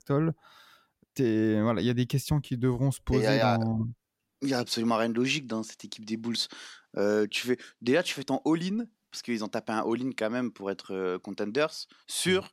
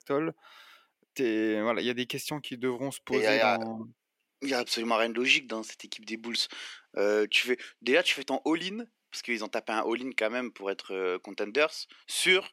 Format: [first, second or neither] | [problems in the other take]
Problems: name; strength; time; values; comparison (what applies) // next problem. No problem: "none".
first | thin; somewhat; fading below 400 Hz